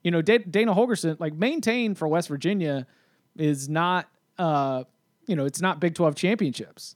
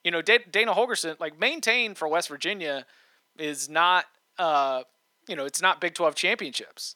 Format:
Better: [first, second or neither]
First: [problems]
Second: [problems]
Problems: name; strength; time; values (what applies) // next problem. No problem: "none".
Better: first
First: none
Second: thin; very; fading below 650 Hz